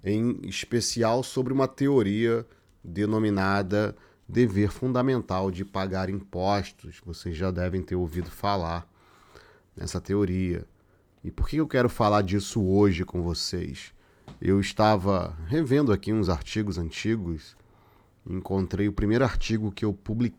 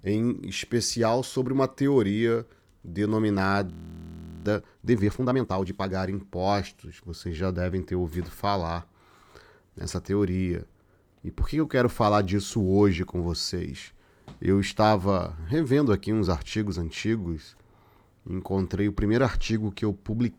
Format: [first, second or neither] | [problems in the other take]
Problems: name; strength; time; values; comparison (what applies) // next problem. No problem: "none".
first | audio freezing; at 3.5 s for 1 s